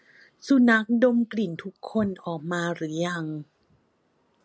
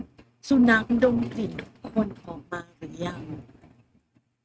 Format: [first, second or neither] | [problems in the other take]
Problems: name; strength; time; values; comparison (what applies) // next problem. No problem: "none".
first | noise reduction (neural mask model RNNoise)